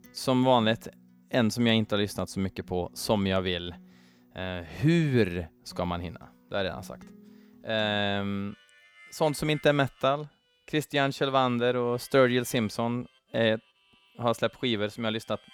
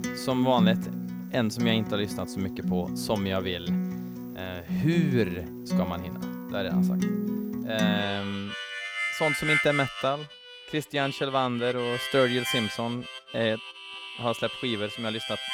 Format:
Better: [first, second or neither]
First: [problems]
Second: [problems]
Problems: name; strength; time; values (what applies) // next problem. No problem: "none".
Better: first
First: background music; faint; throughout; 25 dB below the speech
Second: background music; loud; throughout; 2 dB below the speech